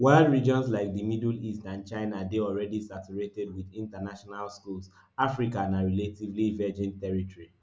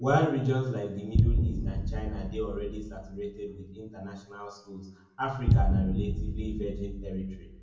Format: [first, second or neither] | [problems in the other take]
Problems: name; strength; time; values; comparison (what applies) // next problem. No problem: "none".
first | background sound (Boom); 2 dB above the speech // room echo; dies away in 0.6 s